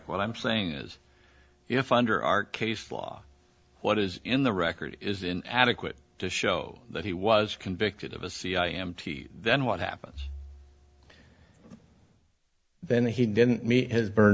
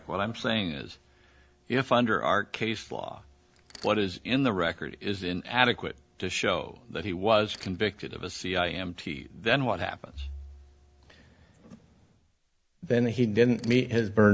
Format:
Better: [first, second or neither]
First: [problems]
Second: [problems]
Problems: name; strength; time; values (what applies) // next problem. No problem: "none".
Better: first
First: none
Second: background sound (Mechanisms); 20 dB below the speech